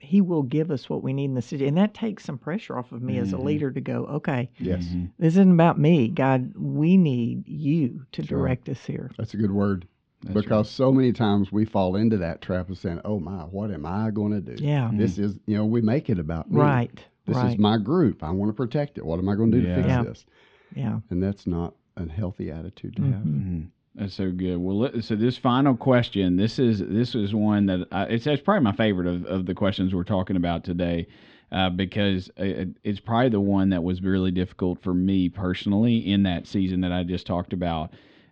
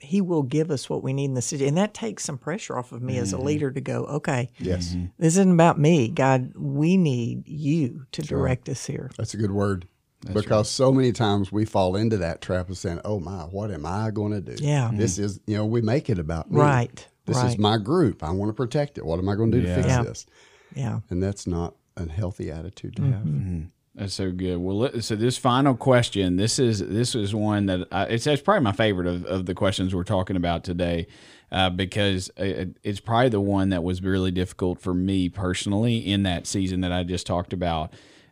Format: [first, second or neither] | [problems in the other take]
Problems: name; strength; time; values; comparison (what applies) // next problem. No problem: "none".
second | muffled; slightly; fading above 4 kHz